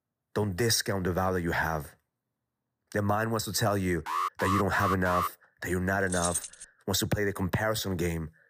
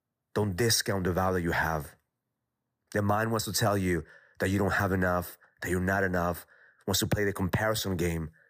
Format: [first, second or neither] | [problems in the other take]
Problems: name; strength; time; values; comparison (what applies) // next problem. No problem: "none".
second | alarm; noticeable; from 4 to 5.5 s; peak 1 dB below the speech // jangling keys; noticeable; at 6 s; peak 2 dB below the speech